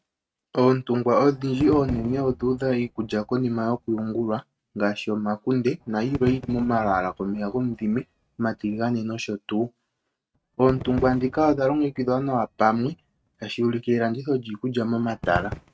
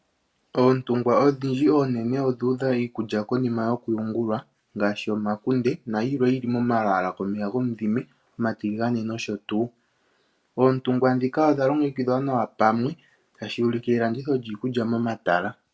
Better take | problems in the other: second | noise reduction (neural mask model RNNoise)

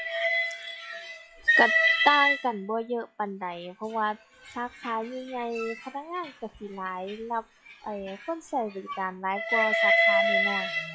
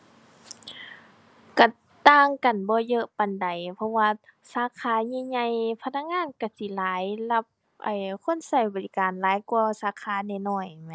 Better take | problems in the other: second | noise reduction (classical method log-MMSE)

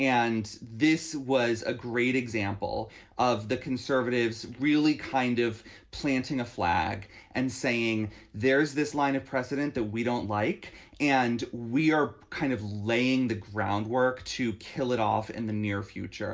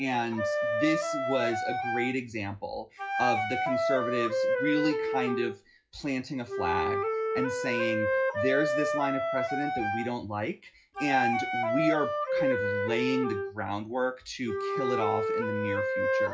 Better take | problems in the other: first | noise reduction (classical method log-MMSE)

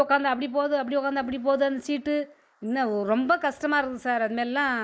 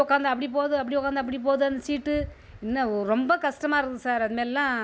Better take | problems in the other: second | noise reduction (neural mask model Resemble Enhance denoiser)

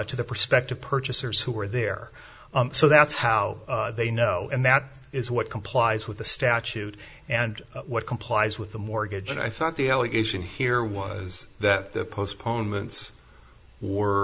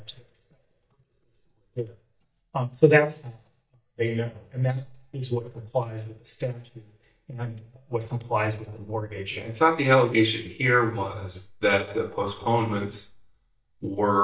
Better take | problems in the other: first | noise reduction (neural mask model DeepFilterNet 3)

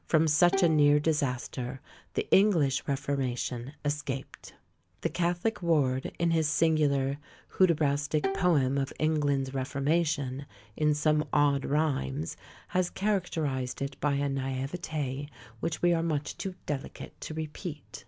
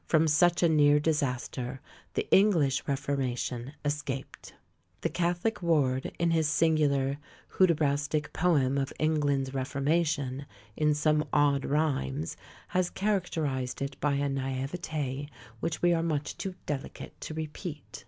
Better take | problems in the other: second | background sound (Bowed string instrument); 10 dB below the speech

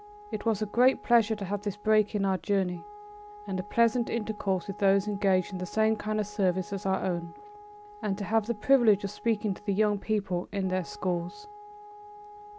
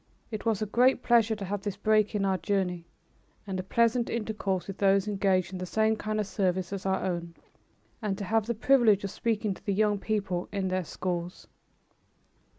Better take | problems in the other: second | background sound (Wind instrument, woodwind instrument); 19 dB below the speech

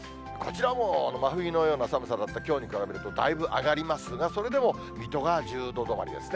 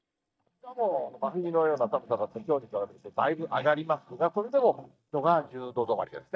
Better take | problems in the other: first | noise reduction (neural mask model DeepFilterNet 3)

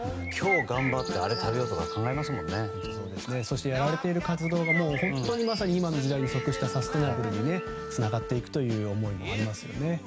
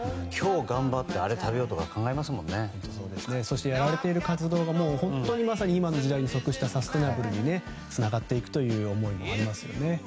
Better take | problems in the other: second | background sound (Bird + Wind instrument, woodwind instrument); 7 dB below the speech

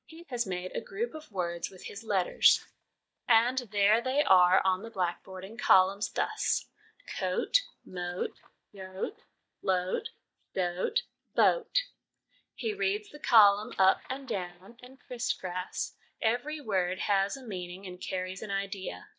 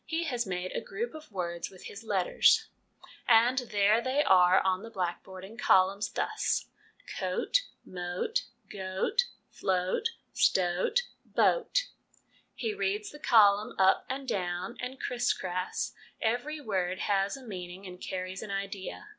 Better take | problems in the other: second | noise reduction (neural mask model DeepFilterNet 3)

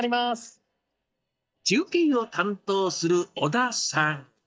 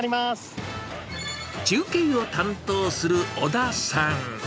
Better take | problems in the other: second | noise reduction (neural mask model DeepFilterNet 3)

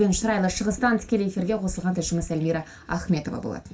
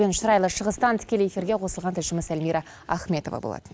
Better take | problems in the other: second | room echo; dies away in 0.2 s

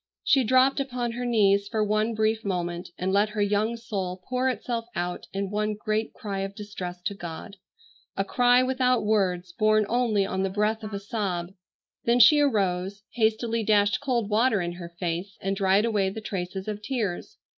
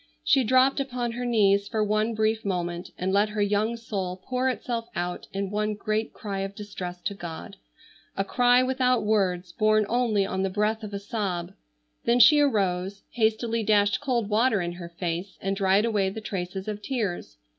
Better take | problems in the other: second | noise reduction (neural mask model Resemble Enhance denoiser)

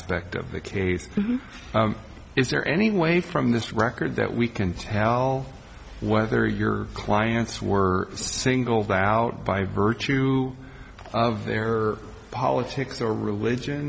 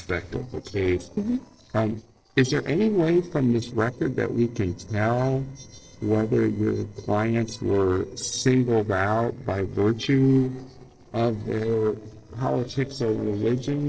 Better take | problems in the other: first | noise reduction (neural separator model SepFormer DNS4)

